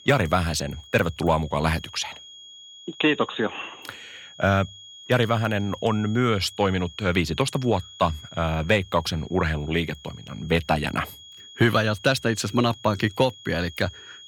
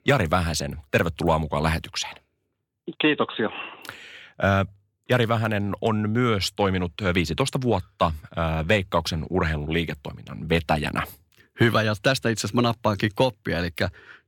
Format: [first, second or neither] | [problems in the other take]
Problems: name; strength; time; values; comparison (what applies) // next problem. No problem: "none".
second | high-pitched whine; noticeable; throughout; 3.5 kHz, 20 dB below the speech